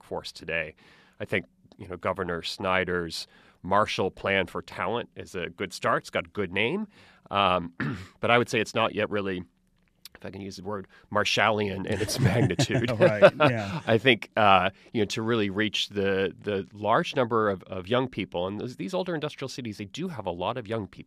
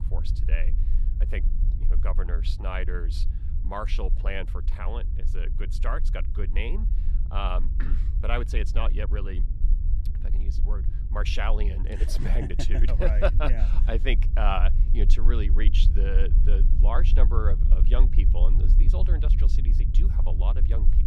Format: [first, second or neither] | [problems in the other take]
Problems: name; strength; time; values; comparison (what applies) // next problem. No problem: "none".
first | low rumble; noticeable; throughout; 10 dB below the speech